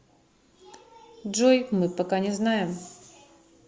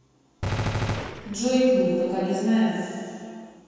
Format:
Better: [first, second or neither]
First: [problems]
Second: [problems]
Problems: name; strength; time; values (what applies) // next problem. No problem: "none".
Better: first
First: none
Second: background sound (Gunshot, gunfire); 5 dB below the speech // room echo; dies away in 2.1 s